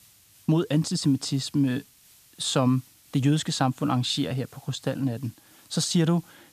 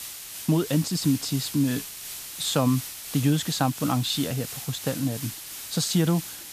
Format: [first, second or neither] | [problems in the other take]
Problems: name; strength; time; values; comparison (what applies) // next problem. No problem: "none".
first | hiss; loud; throughout; 9 dB below the speech; faint in the first